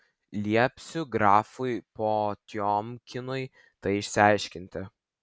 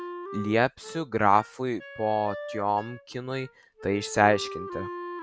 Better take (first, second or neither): first